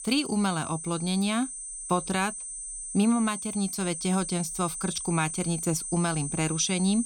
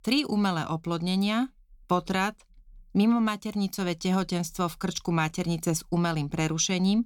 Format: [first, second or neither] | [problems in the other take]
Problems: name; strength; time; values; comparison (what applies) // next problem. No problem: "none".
second | high-pitched whine; loud; throughout; 8.5 kHz, 6 dB below the speech